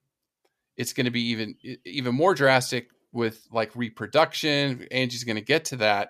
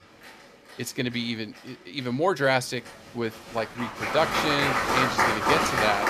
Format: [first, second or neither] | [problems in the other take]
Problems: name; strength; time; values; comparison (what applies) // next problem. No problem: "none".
first | crowd noise; very loud; throughout; 3 dB above the speech